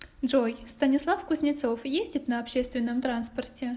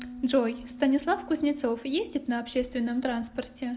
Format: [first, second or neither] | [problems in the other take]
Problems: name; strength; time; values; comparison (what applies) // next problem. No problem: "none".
first | background sound (Piano); 17 dB below the speech